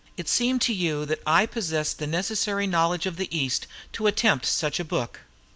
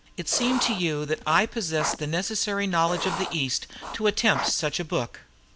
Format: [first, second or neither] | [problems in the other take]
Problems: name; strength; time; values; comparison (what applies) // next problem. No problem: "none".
first | background sound (Writing); 9 dB below the speech